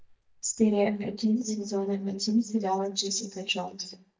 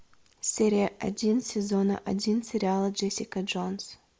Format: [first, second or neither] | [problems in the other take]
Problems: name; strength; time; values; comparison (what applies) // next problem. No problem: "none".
second | noise reduction (neural mask model DeepFilterNet 3)